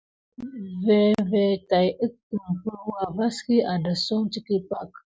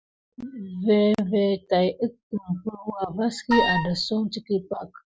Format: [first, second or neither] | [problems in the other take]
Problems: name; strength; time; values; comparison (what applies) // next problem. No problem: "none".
first | background sound (Wind instrument, woodwind instrument); 1 dB below the speech